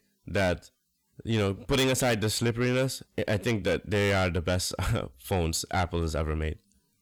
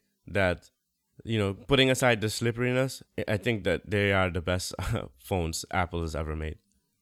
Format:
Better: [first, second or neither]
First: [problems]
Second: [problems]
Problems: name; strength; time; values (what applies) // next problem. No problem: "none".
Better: second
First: distortion; heavy; 8 dB below the speech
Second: none